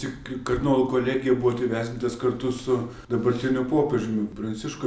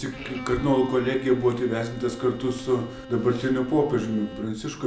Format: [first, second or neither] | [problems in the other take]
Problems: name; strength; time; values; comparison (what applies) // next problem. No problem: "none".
first | background sound (Bowed string instrument); 16 dB below the speech